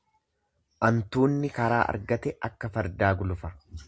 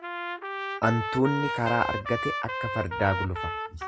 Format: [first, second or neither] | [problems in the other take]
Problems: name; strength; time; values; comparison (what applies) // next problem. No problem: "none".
first | background sound (Trumpet); 4 dB below the speech